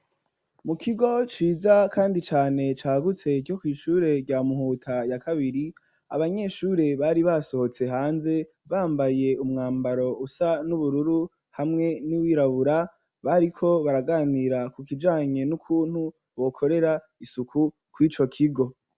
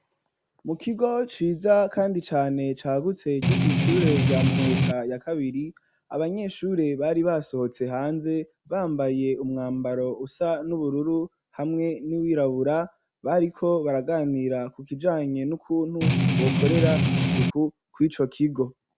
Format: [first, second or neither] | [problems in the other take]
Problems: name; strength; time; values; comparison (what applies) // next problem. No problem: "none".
first | background sound (Strum); 4 dB above the speech